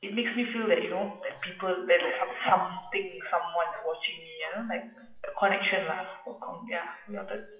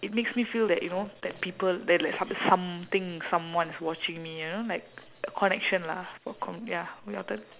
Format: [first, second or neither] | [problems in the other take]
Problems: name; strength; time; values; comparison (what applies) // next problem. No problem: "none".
second | noise reduction (classical method WPE with log-MMSE)